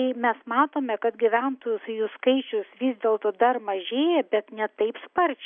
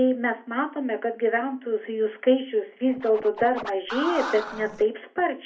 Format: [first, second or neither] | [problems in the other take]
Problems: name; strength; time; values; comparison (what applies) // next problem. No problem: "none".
first | background sound (Scratching (performance technique)); 10 dB below the speech // room echo; dies away in 0.3 s